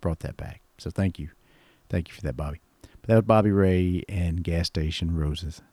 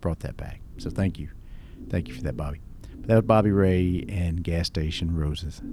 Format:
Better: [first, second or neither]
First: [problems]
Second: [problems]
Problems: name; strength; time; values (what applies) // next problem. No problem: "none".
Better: first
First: none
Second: low rumble; noticeable; throughout; 20 dB below the speech